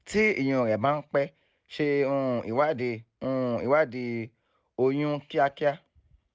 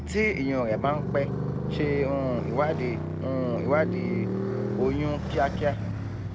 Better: first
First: none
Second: background sound (Motorcycle); 1 dB below the speech

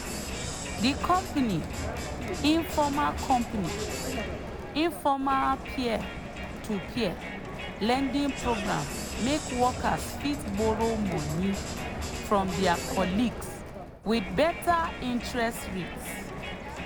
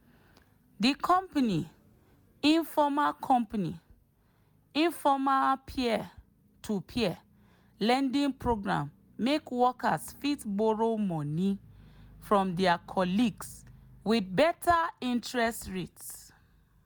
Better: second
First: background sound (Crowd); 5 dB below the speech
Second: none

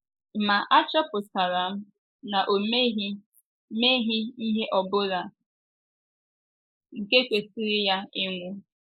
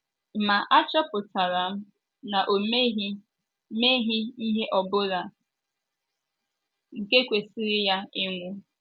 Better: second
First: noise reduction (neural mask model Resemble Enhance denoiser)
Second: none

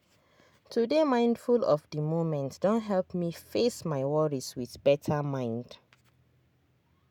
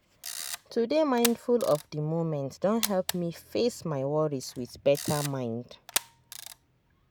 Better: first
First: none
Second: background sound (Camera); 10 dB below the speech

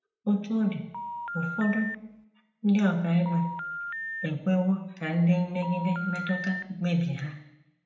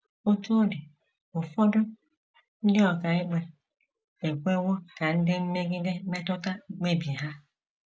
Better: second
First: background sound (Telephone); 8 dB below the speech // room echo; dies away in 0.8 s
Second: none

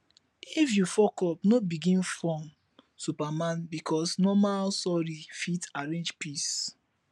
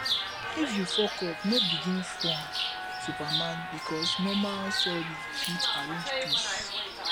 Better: first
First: none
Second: background sound (Chirp, tweet); 2 dB above the speech

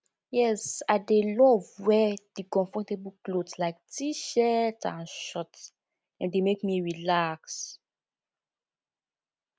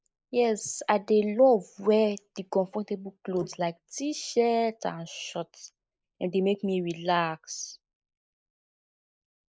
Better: first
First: none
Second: noise reduction (neural mask model Resemble Enhance denoiser)

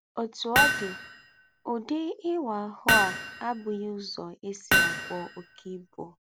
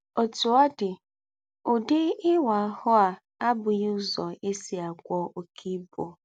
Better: second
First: background sound (Hammer); 4 dB above the speech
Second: none

